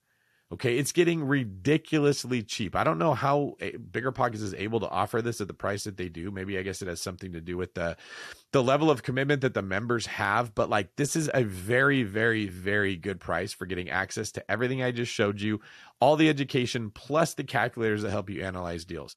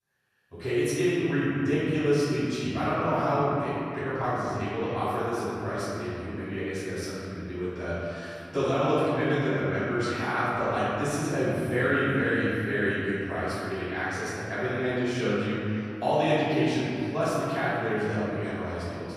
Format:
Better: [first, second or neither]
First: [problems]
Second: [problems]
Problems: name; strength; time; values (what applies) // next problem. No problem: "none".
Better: first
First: none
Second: off-mic speech; far // room echo; strong; dies away in 2.8 s